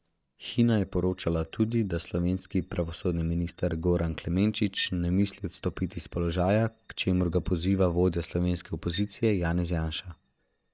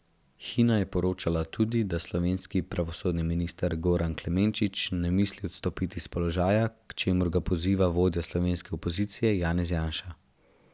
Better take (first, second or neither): second